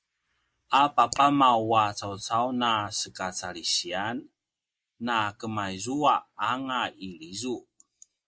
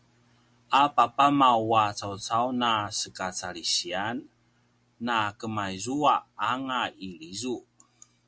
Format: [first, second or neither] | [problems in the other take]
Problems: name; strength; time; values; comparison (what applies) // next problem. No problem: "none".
second | noise reduction (neural mask model Resemble Enhance denoiser)